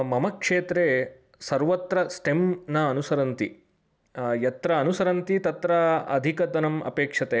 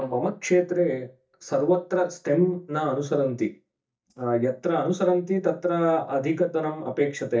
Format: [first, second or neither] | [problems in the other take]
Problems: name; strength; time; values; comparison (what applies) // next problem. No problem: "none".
first | noise reduction (neural mask model DeepFilterNet 3)